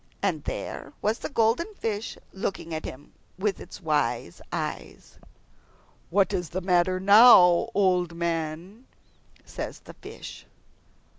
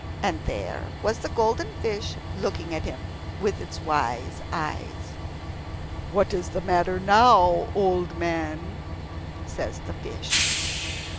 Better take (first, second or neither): first